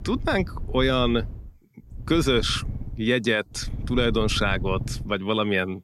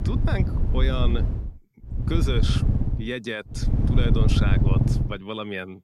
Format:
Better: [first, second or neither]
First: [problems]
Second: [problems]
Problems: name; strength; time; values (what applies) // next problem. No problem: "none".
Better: first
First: low rumble; faint; until 1.5 s, at 2 s and from 3.5 to 5 s; 20 dB below the speech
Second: low rumble; loud; until 1.5 s, at 2 s and from 3.5 to 5 s; 3 dB below the speech